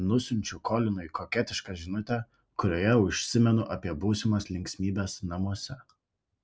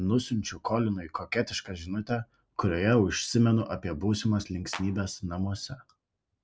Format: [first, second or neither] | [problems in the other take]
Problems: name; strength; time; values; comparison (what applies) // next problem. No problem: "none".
first | background sound (Clapping); 13 dB below the speech